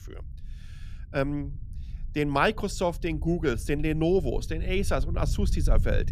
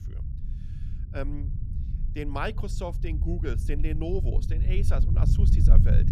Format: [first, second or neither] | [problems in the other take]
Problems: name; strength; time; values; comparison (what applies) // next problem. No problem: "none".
first | low rumble; loud; throughout; 7 dB below the speech; faint in the first